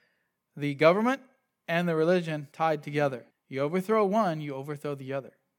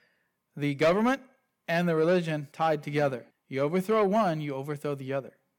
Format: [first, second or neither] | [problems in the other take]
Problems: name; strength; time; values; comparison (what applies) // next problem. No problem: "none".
first | distortion; slight; 10 dB below the speech